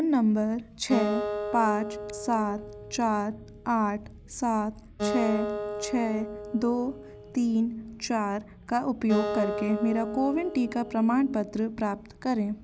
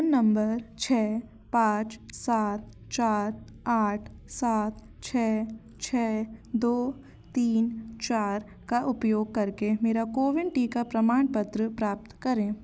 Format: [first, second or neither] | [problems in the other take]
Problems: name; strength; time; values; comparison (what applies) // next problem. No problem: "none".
second | background sound (Acoustic guitar); 8 dB below the speech